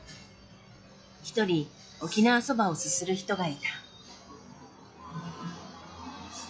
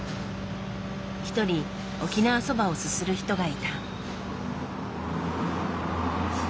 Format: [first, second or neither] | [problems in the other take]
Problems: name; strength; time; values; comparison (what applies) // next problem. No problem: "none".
second | noise reduction (classical method log-MMSE)